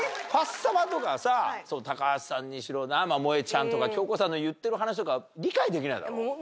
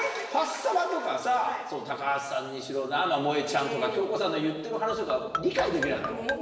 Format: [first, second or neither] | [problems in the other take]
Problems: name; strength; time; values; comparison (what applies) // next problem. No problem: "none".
first | background sound (Marimba, xylophone); 7 dB below the speech // room echo; dies away in 1.2 s